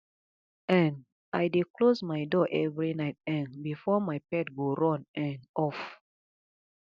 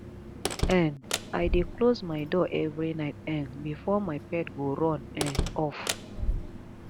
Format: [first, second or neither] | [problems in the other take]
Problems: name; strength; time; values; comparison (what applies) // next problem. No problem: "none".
first | background sound (Slam); 5 dB below the speech